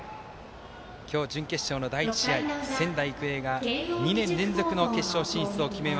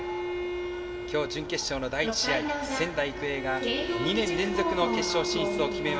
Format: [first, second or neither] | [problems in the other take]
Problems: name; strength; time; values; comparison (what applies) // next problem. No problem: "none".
first | background sound (Bowed string instrument); 6 dB below the speech // room echo; dies away in 1.3 s